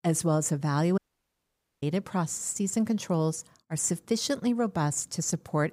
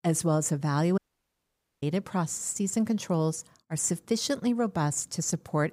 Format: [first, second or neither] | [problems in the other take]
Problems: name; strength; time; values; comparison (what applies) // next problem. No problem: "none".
neither | audio cutting out; at 1 s for 1 s; the same in both